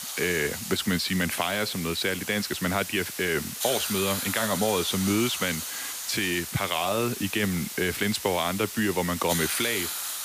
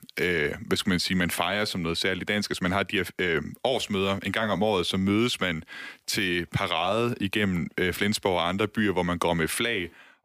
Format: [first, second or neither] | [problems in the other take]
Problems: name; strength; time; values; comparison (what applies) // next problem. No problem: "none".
second | hiss; loud; throughout; 5 dB below the speech